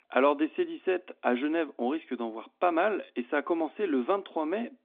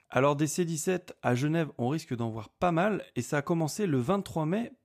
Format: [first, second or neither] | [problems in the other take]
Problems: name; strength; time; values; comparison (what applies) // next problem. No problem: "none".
second | phone-call audio